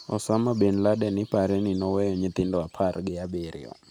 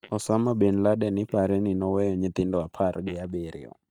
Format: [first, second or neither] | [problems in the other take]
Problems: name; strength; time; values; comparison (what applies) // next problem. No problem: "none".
first | noise reduction (neural mask model DeepFilterNet 3)